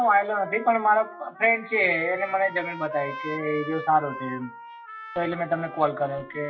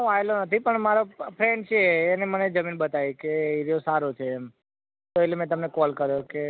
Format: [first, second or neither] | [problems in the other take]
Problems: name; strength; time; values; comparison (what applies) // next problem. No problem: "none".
second | noise reduction (classical method WPE with log-MMSE)